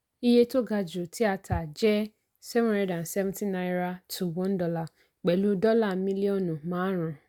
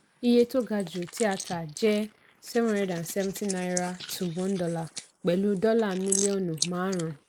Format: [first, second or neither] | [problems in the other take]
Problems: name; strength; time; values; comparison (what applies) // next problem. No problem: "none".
first | noise reduction (neural mask model Resemble Enhance denoiser)